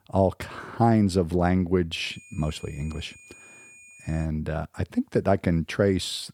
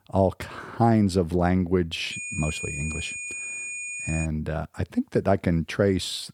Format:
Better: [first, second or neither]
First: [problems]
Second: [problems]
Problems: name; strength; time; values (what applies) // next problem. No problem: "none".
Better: first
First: high-pitched whine; faint; from 2 to 4.5 s; 2.5 kHz, 20 dB below the speech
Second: high-pitched whine; loud; from 2 to 4.5 s; 2.5 kHz, 6 dB below the speech